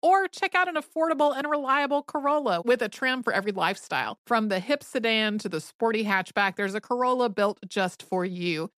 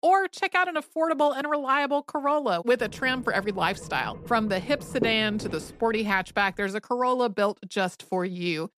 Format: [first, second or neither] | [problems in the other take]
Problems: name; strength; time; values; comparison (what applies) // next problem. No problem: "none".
first | low rumble; noticeable; from 3 to 6.5 s; 15 dB below the speech